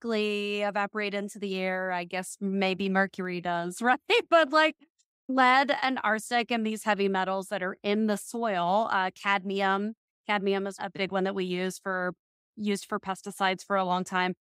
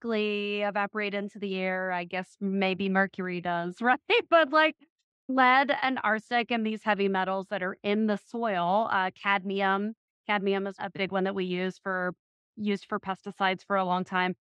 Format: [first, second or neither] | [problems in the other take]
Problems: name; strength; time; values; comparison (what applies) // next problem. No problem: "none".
first | muffled; very slightly; fading above 3 kHz